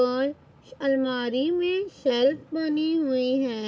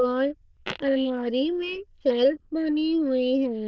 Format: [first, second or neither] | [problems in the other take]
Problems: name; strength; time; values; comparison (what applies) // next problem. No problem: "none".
first | noise reduction (neural diffusion model UNIVERSE++)